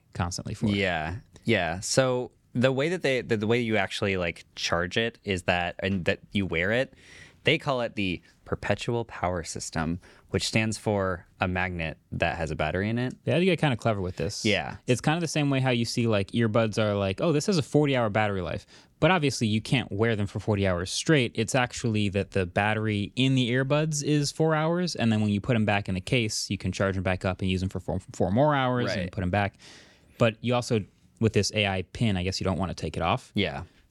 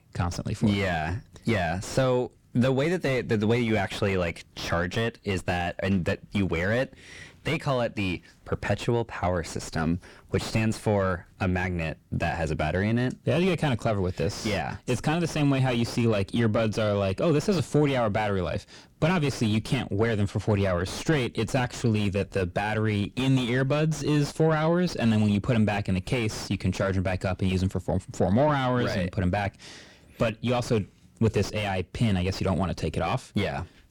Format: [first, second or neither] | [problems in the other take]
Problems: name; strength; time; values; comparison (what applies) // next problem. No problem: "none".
first | distortion; heavy; 6 dB below the speech